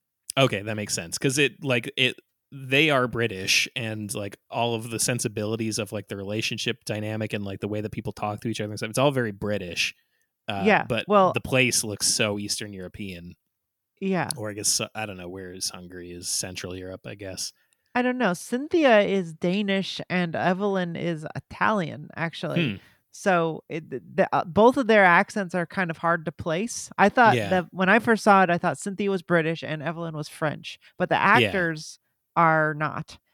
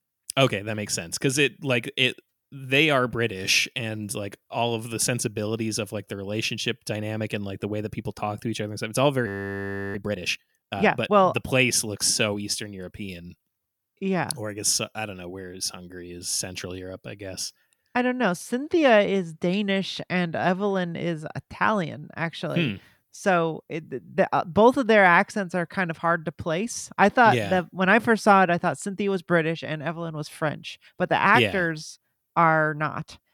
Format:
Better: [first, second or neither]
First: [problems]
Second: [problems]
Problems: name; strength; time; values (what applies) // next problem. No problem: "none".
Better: first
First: none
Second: audio freezing; at 9.5 s for 0.5 s